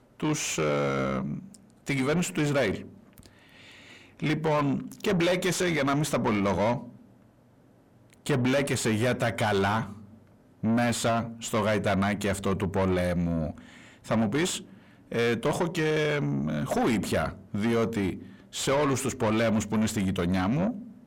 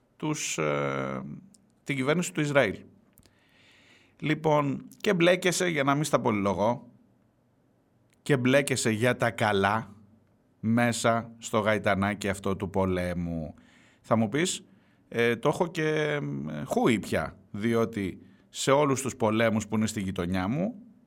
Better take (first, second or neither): second